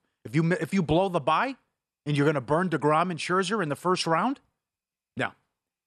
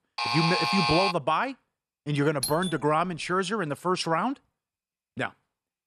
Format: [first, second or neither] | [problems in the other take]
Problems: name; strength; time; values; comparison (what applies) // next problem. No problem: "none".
first | alarm; loud; at the start; peak 3 dB above the speech // doorbell; noticeable; at 2.5 s; peak 4 dB below the speech